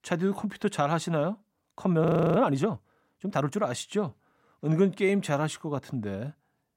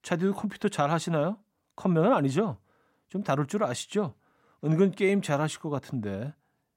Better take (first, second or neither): second